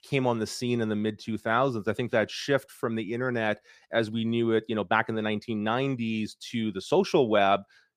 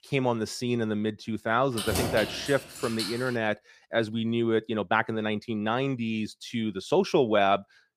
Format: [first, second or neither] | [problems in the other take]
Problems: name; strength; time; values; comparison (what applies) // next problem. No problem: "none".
first | jangling keys; noticeable; from 2 to 3.5 s; peak 2 dB below the speech